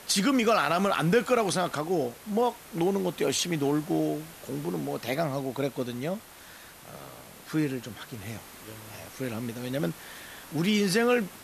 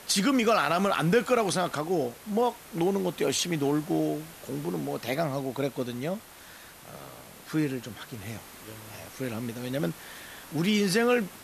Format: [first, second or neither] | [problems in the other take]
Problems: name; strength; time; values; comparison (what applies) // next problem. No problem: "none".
neither | hiss; noticeable; throughout; 20 dB below the speech; the same in both